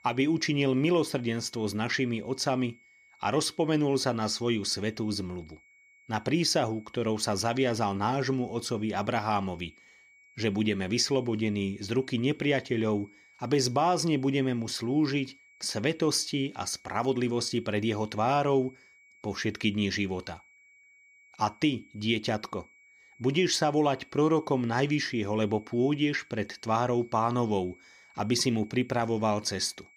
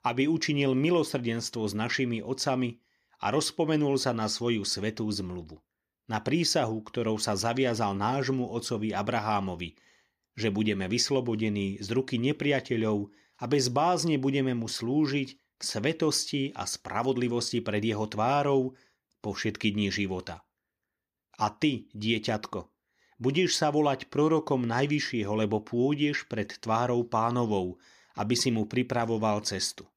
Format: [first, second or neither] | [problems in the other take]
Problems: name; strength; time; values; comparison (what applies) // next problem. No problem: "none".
second | high-pitched whine; faint; throughout; 2.5 kHz, 30 dB below the speech